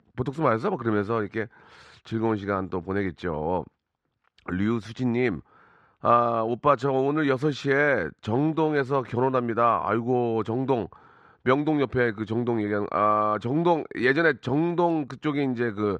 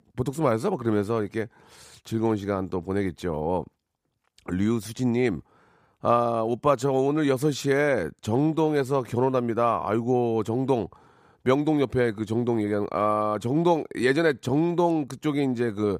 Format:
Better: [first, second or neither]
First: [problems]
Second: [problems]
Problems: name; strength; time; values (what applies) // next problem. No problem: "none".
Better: second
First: muffled; very slightly; fading above 3.5 kHz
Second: none